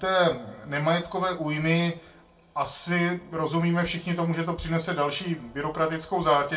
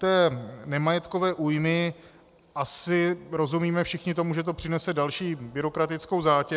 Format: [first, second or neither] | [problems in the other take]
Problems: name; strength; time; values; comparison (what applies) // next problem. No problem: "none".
second | room echo; dies away in 0.2 s